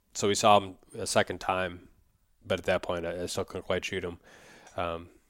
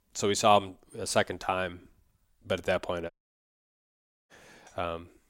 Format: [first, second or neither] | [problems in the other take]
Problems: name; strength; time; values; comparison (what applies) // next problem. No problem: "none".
first | audio cutting out; at 3 s for 1 s